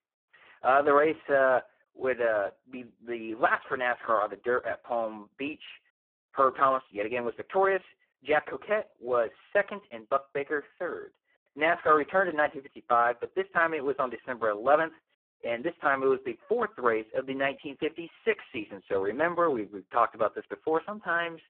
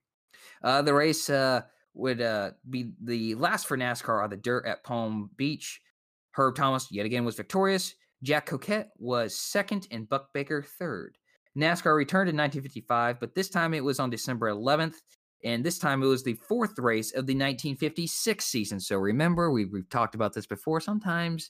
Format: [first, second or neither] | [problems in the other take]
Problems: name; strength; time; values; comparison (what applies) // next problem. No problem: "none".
second | phone-call audio; poor line